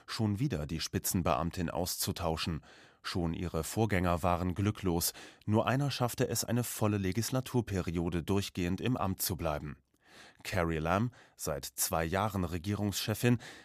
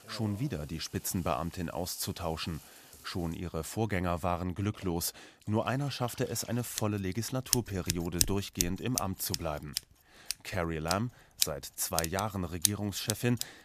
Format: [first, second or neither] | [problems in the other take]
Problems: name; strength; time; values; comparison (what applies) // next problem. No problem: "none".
first | household noises; very loud; throughout; as loud as the speech